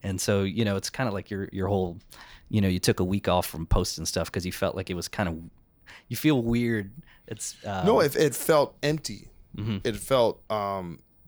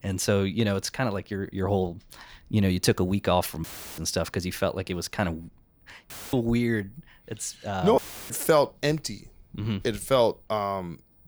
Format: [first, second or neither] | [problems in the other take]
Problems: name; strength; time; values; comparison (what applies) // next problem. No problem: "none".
first | audio cutting out; filled with static; at 3.5 s, at 6 s and at 8 s